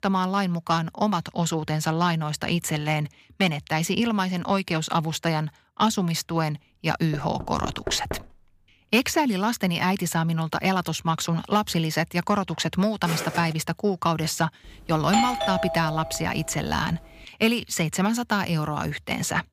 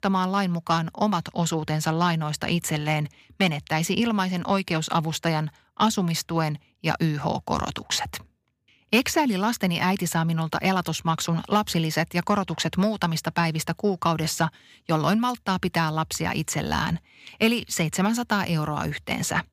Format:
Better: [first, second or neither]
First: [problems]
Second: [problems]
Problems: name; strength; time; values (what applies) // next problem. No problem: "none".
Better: second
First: door banging; noticeable; from 7 to 8 s; peak 9 dB below the speech // footsteps; noticeable; at 13 s; peak 6 dB below the speech // doorbell; loud; from 15 to 16 s; peak 1 dB above the speech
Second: none